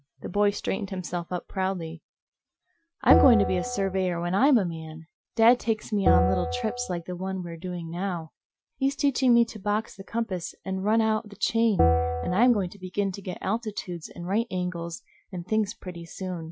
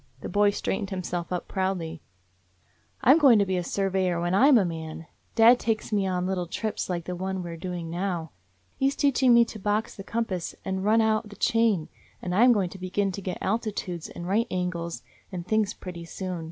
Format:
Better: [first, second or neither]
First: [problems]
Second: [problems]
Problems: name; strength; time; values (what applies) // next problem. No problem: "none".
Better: second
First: noise reduction (classical method Wiener filter)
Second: none